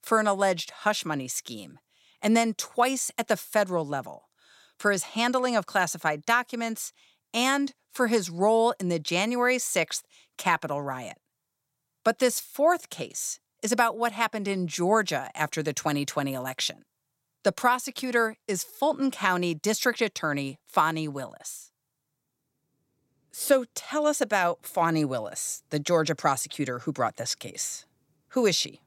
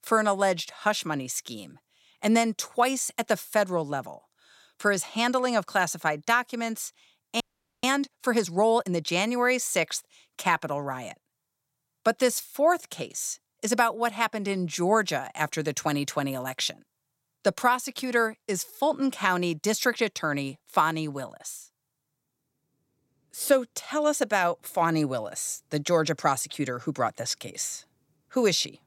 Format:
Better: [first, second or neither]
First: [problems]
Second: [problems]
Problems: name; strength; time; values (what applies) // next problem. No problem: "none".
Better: first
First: none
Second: audio freezing; at 7.5 s